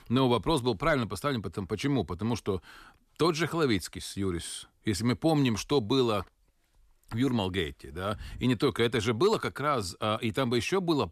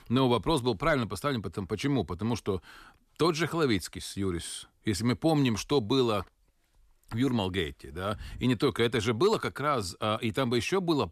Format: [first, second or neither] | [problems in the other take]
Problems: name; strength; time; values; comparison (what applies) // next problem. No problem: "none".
neither | none